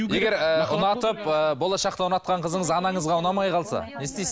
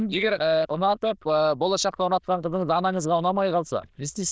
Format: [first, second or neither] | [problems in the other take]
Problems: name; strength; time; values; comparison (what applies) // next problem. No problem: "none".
first | noise reduction (neural diffusion model UNIVERSE++)